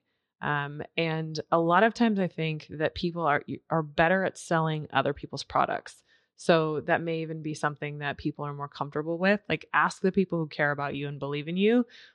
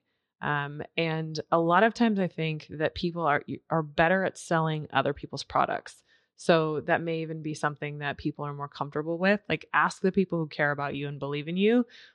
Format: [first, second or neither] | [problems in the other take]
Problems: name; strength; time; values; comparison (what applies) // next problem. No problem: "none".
neither | muffled; slightly; fading above 4 kHz; the same in both